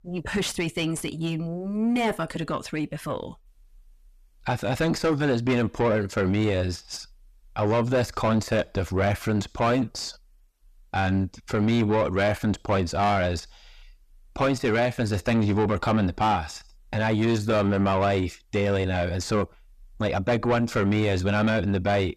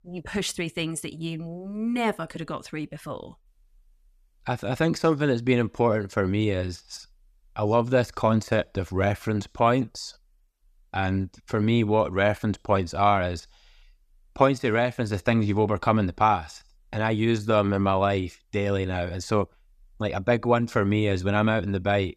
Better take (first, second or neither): second